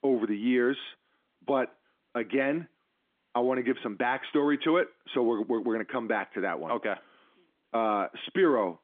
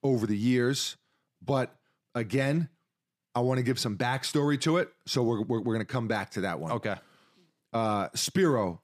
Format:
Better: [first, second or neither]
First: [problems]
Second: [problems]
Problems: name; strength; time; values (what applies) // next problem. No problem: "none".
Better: second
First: phone-call audio; nothing above 3.5 kHz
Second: none